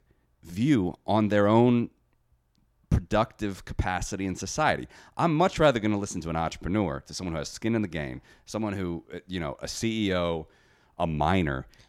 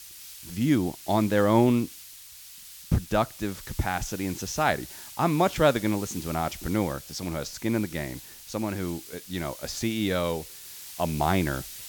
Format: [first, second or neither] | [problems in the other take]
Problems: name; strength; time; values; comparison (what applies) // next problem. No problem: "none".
first | hiss; noticeable; throughout; 15 dB below the speech